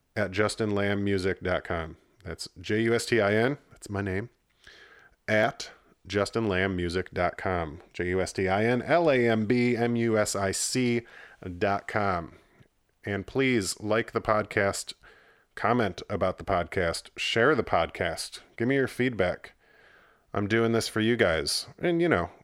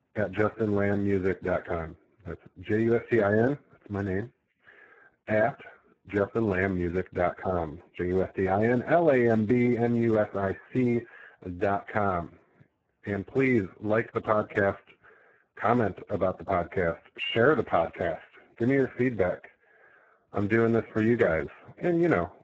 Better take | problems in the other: first | garbled, watery; badly

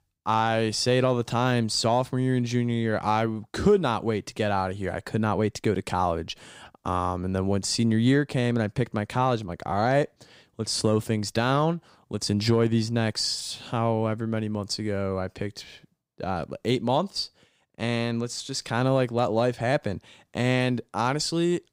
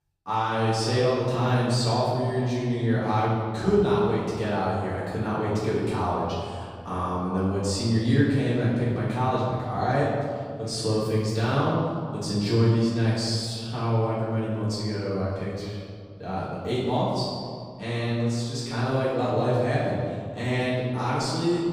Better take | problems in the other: first | room echo; strong; dies away in 2 s // off-mic speech; far

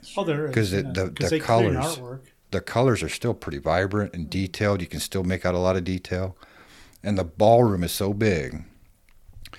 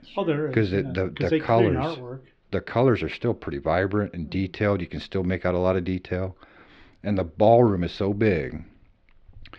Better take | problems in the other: first | muffled; slightly; fading above 3.5 kHz

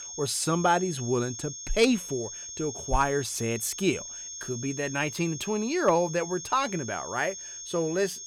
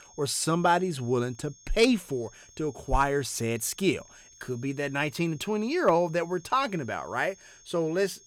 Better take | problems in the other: second | high-pitched whine; loud; throughout; 6.5 kHz, 9 dB below the speech; faint in the second

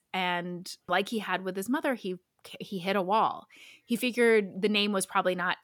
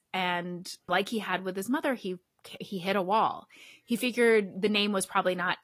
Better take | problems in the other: first | garbled, watery; slightly; nothing above 15 kHz

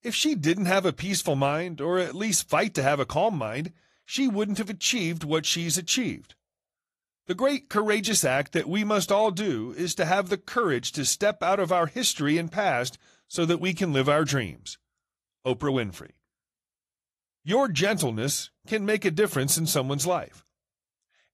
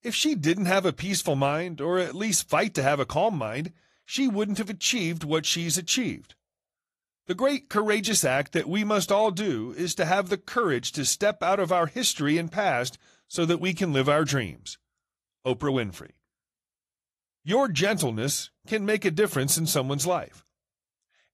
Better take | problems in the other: neither | garbled, watery; slightly; nothing above 15 kHz; the same in both

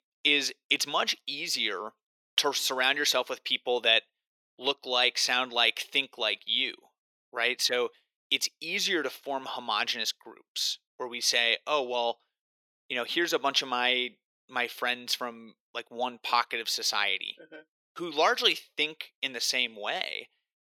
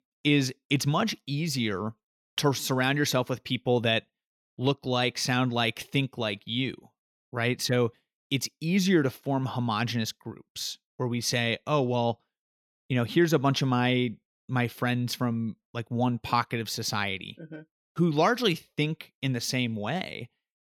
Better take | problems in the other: second | thin; very; fading below 450 Hz

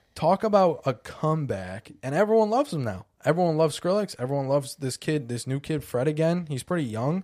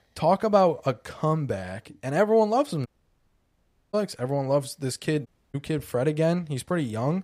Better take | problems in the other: first | audio cutting out; at 3 s for 1 s and at 5.5 s

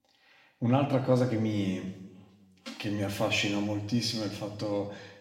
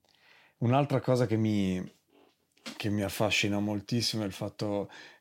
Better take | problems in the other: second | room echo; slight; dies away in 1 s // off-mic speech; somewhat distant

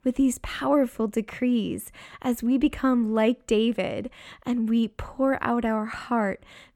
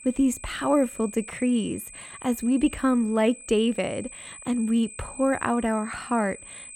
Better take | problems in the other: first | high-pitched whine; noticeable; throughout; 8 kHz, 15 dB below the speech

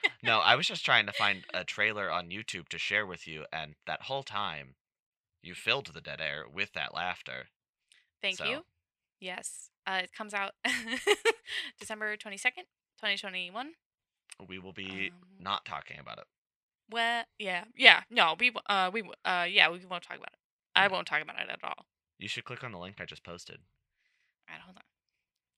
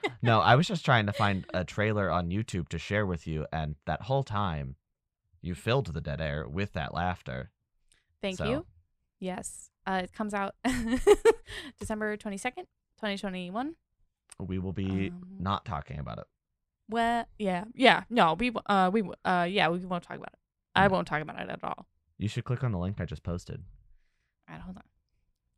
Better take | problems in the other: second | thin; somewhat; fading below 700 Hz

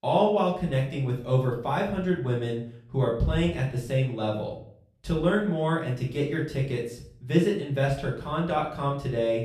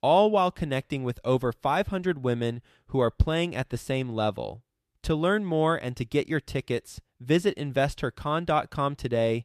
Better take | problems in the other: second | off-mic speech; far // room echo; noticeable; dies away in 0.5 s

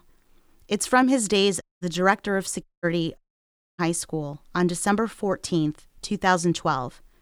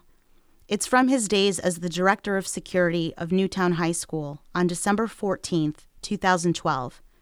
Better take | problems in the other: second | audio cutting out; at 1.5 s, at 2.5 s and at 3 s for 0.5 s

